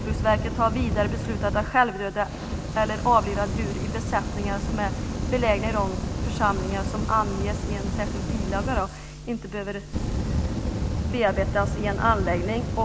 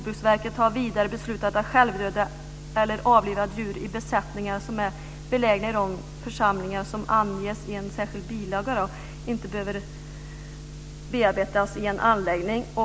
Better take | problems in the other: second | background sound (Fire); 2 dB below the speech

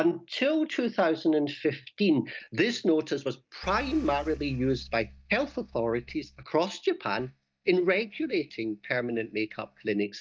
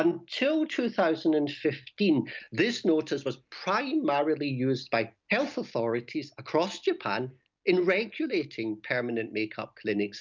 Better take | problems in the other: second | noise reduction (neural mask model DeepFilterNet 3)

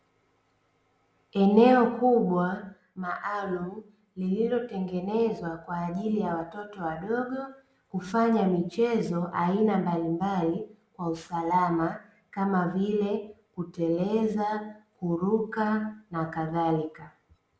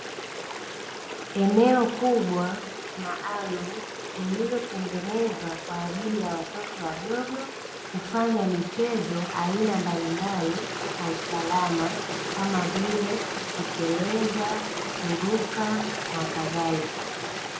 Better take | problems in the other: first | background sound (Stream); 5 dB below the speech

